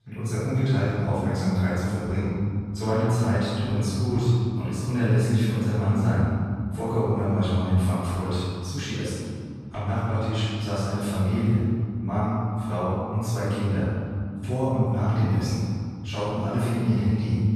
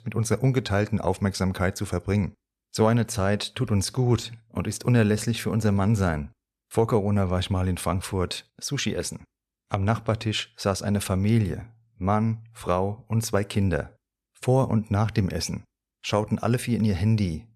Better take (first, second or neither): second